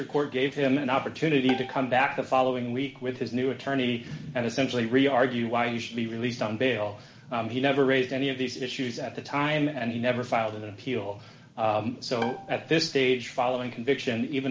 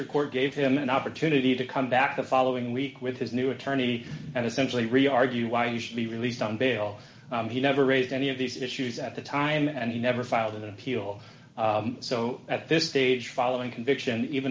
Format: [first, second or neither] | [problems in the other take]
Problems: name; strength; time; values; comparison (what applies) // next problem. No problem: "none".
second | background sound (Bowed string instrument); 16 dB below the speech